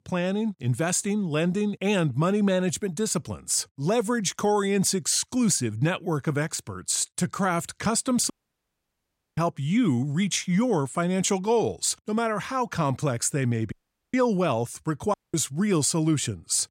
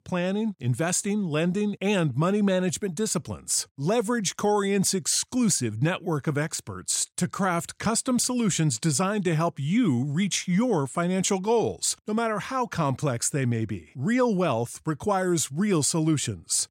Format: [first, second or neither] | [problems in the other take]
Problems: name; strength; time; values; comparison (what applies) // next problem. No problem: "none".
second | audio cutting out; at 8.5 s for 1 s, at 14 s and at 15 s